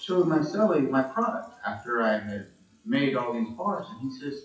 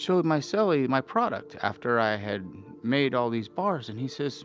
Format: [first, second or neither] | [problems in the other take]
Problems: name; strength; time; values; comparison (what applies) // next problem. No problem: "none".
second | noise reduction (classical method WPE with log-MMSE)